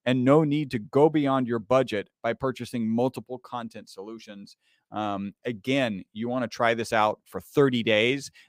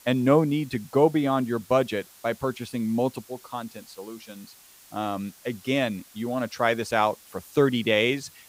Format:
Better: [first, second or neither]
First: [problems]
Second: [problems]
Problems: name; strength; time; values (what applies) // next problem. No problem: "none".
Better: first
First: none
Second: hiss; faint; throughout; 25 dB below the speech